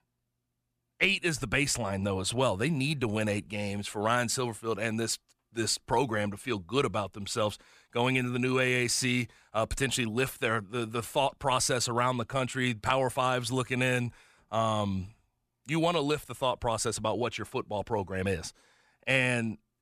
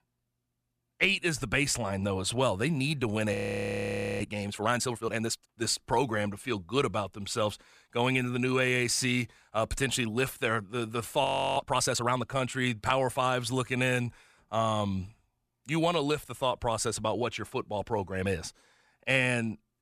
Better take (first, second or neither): first